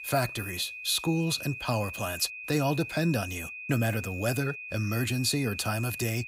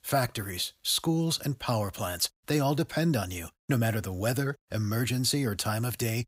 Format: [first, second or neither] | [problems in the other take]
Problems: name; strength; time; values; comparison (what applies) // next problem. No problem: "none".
second | high-pitched whine; loud; throughout; 2.5 kHz, 9 dB below the speech